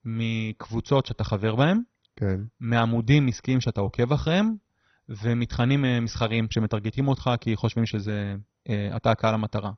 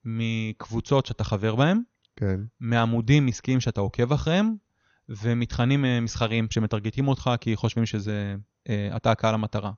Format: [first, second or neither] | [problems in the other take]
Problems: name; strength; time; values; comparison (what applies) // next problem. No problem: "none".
second | garbled, watery; badly; nothing above 6 kHz; slightly in the second